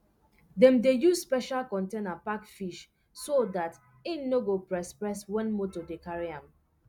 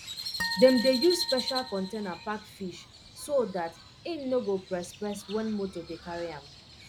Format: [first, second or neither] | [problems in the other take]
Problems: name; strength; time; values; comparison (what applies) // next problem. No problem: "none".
first | background sound (Harp + Crow); 9 dB below the speech